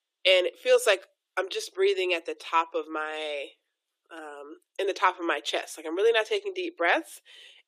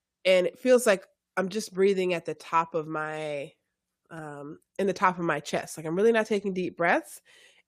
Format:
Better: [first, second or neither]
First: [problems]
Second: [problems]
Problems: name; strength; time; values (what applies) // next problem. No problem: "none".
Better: second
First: thin; very; fading below 300 Hz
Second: none